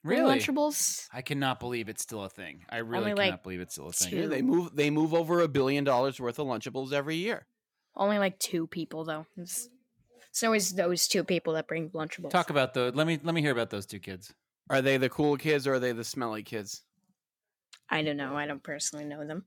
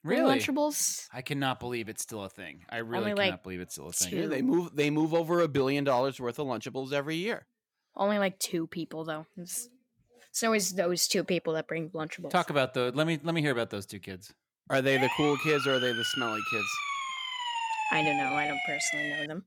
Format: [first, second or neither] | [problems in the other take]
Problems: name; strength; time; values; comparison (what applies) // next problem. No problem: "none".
first | siren; loud; from 15 s on; peak 2 dB above the speech